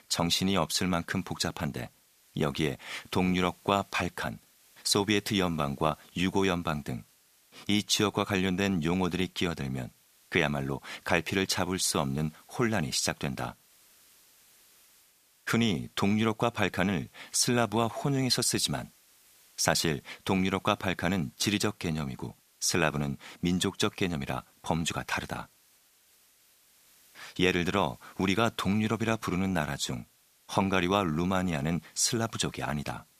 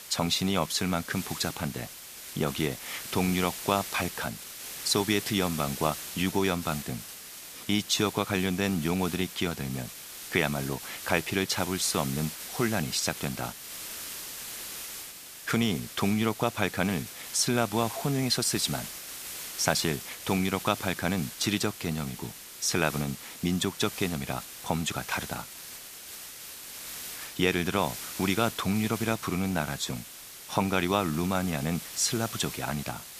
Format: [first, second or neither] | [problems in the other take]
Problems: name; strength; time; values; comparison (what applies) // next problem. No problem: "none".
first | hiss; loud; throughout; 10 dB below the speech; faint in the first